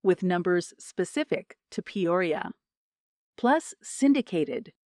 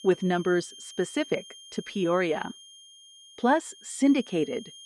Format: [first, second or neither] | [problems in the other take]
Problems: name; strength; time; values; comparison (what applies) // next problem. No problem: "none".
first | high-pitched whine; noticeable; throughout; 3 kHz, 20 dB below the speech